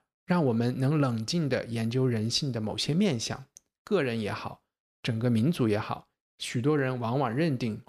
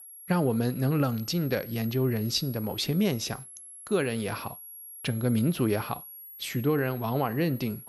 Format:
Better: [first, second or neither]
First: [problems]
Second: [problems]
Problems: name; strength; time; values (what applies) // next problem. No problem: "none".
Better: first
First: none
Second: high-pitched whine; noticeable; throughout; 11.5 kHz, 15 dB below the speech